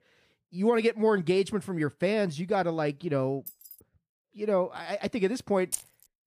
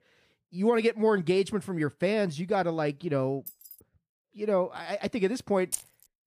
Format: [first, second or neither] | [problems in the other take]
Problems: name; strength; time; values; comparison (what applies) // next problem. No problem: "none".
neither | jangling keys; faint; at 3.5 s; peak 15 dB below the speech; the same in both // jangling keys; noticeable; at 5.5 s; peak 6 dB below the speech; the same in both